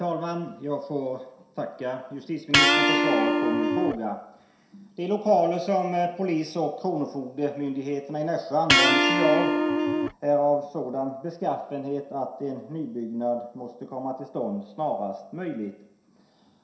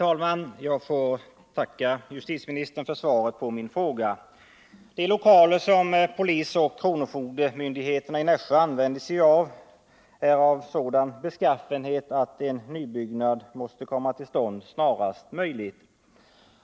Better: second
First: background sound (Electric guitar); 4 dB above the speech // room echo; dies away in 0.7 s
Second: none

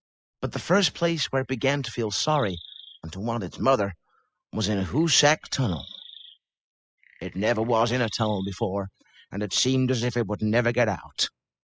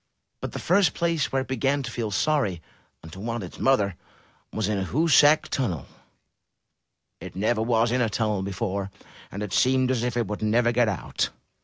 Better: second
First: noise reduction (classical method spectral subtraction)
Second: none

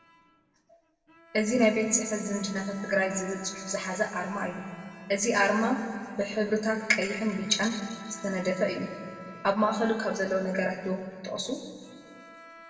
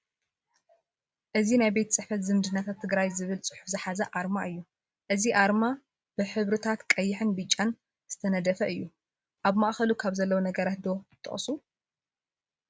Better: second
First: background sound (Bowed string instrument); 19 dB below the speech // room echo; dies away in 2 s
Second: none

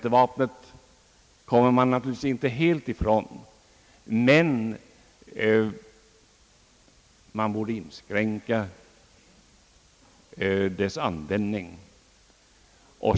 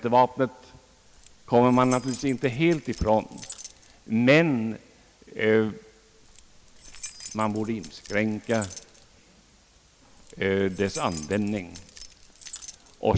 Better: first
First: none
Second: background sound (Keys jangling); 18 dB below the speech

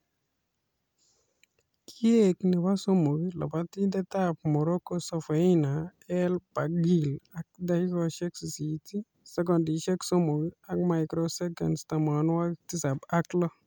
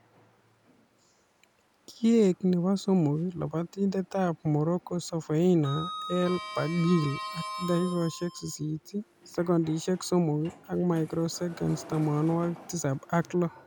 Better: first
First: none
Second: background sound (Sliding door); 16 dB below the speech

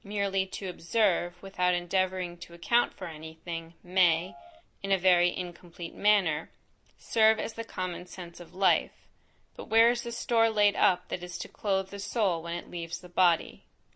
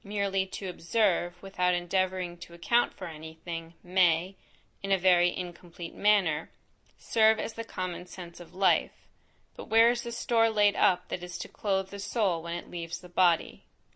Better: second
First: background sound (Piano); 19 dB below the speech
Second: none

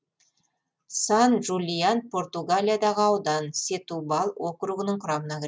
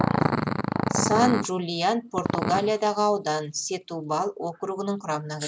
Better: first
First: none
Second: background sound (Growling); 3 dB below the speech

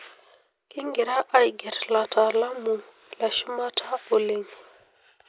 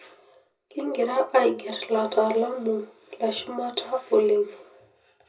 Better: first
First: none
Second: room echo; dies away in 0.4 s

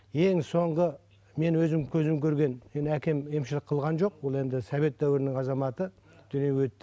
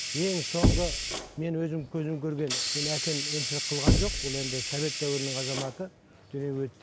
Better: first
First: none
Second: background sound (Hiss + Knock / Wood); 2 dB above the speech

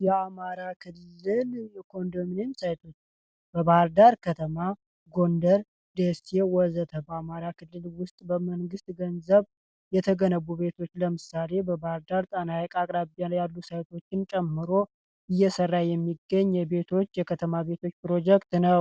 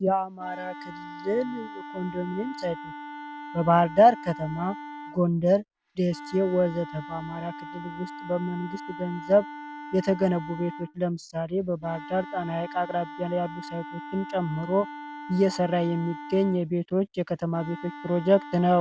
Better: first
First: none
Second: background sound (Wind instrument, woodwind instrument); 14 dB below the speech

